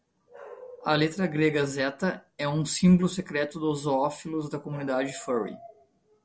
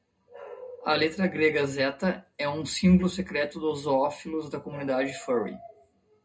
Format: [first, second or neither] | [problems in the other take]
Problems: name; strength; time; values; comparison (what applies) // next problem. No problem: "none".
first | room echo; dies away in 0.2 s